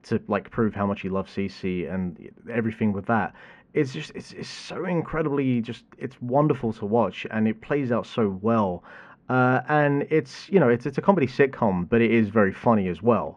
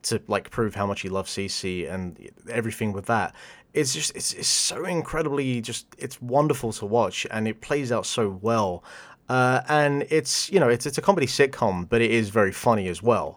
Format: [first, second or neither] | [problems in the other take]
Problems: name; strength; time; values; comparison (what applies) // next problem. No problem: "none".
second | muffled; very; fading above 2 kHz